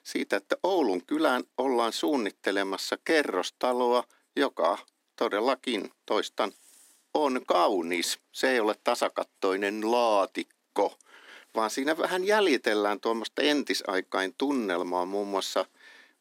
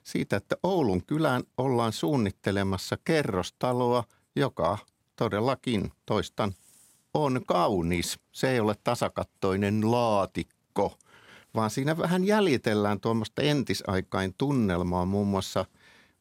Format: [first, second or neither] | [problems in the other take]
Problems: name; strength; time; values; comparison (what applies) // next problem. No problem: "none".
second | thin; somewhat; fading below 250 Hz